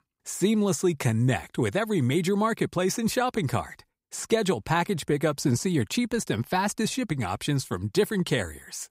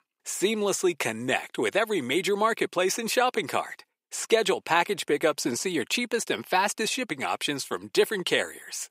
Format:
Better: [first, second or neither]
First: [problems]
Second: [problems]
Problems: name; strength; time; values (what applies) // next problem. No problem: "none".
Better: first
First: none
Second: thin; somewhat; fading below 400 Hz